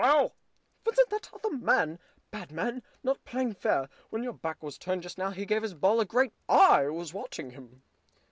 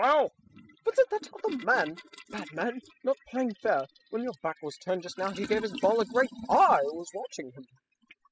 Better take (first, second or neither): first